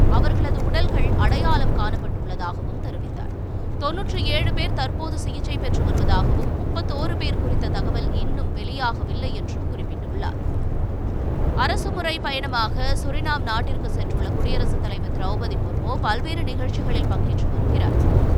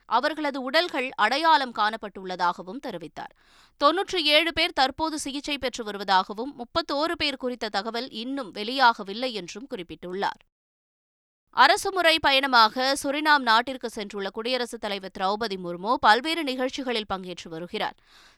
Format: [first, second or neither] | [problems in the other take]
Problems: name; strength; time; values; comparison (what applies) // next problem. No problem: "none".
second | wind noise on the microphone; heavy; 5 dB below the speech